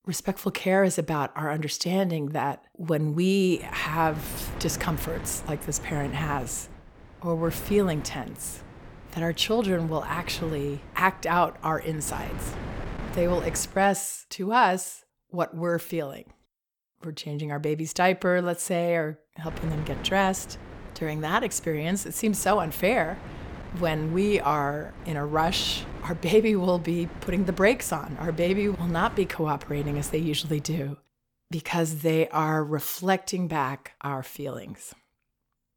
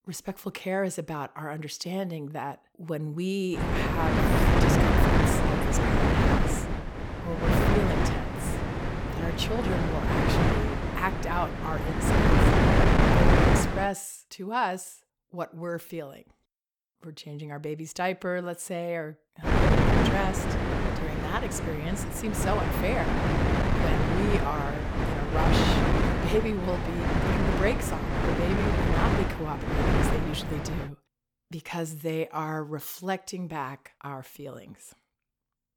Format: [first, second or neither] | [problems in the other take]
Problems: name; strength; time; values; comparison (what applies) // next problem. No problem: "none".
first | wind noise on the microphone; heavy; from 3.5 to 14 s and from 19 to 31 s; 5 dB above the speech; occasional gusts in the first